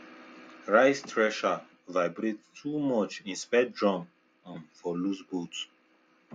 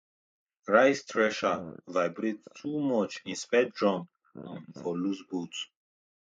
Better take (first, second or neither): first